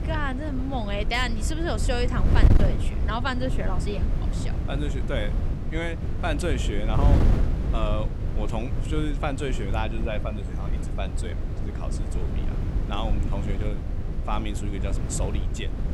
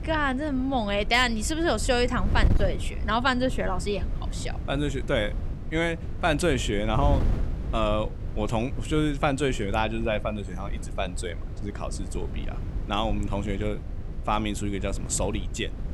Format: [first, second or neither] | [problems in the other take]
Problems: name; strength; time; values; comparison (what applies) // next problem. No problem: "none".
second | wind noise on the microphone; heavy; 7 dB below the speech; occasional gusts in the second